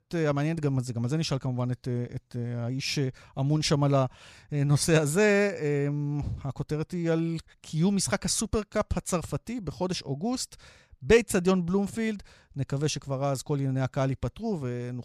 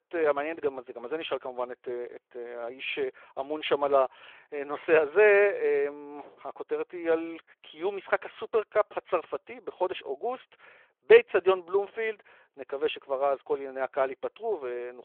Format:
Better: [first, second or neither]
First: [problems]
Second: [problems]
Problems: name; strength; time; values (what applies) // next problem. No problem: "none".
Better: first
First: none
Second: phone-call audio